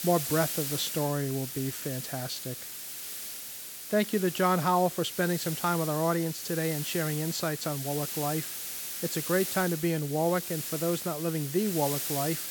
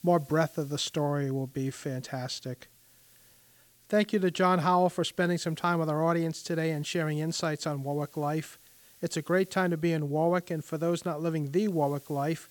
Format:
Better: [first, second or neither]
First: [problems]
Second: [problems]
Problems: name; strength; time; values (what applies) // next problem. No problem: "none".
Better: second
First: hiss; loud; throughout; 5 dB below the speech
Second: hiss; faint; throughout; 25 dB below the speech